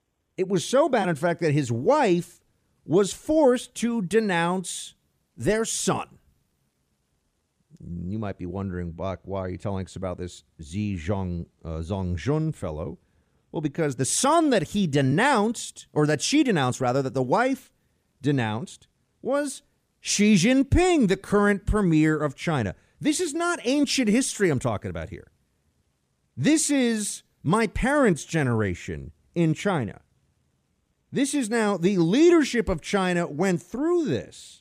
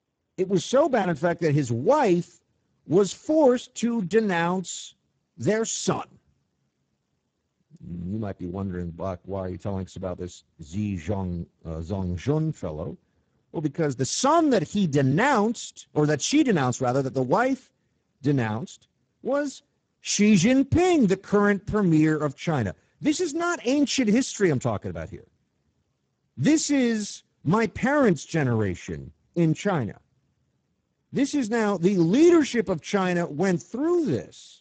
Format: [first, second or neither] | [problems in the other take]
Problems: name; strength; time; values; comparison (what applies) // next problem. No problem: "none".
first | garbled, watery; badly; nothing above 7.5 kHz